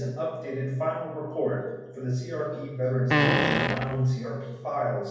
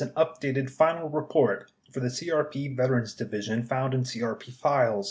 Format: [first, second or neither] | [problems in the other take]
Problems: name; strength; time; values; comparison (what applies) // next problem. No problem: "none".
second | background sound (Fart); 4 dB above the speech // room echo; dies away in 1.1 s